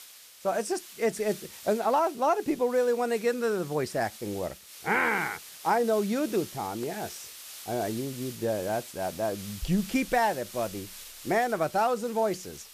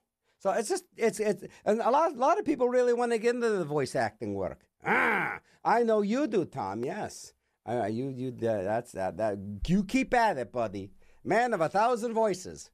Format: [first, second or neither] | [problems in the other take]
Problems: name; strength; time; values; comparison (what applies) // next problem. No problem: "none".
second | hiss; noticeable; throughout; 15 dB below the speech